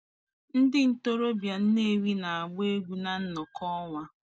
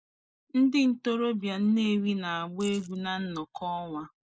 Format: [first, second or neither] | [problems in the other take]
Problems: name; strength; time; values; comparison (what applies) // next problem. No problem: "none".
first | noise reduction (neural mask model Resemble Enhance denoiser)